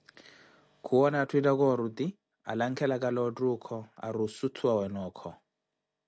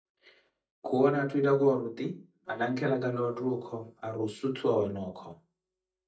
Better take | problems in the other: first | noise reduction (neural mask model DeepFilterNet 3)

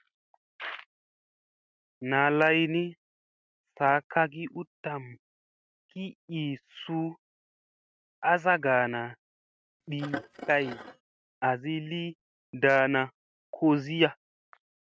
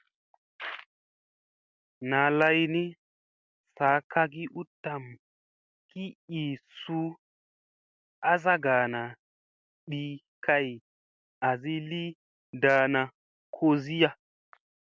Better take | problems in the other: second | noise reduction (neural mask model RNNoise)

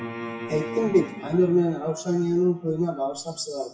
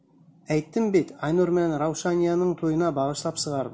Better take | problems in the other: second | noise reduction (classical method WPE with log-MMSE)

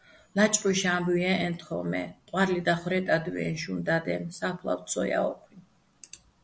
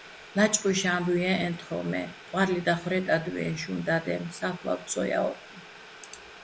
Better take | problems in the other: first | background sound (Boiling); 18 dB below the speech

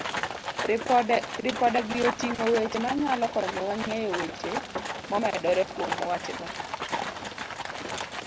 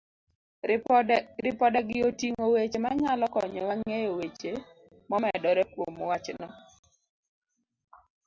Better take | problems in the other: second | background sound (Livestock, farm animals, working animals); 5 dB below the speech

